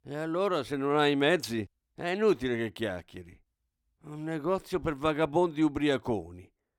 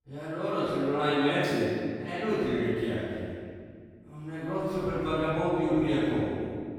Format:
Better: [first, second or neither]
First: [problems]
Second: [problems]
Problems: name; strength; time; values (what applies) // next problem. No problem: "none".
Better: first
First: none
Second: off-mic speech; far // room echo; strong; dies away in 2.1 s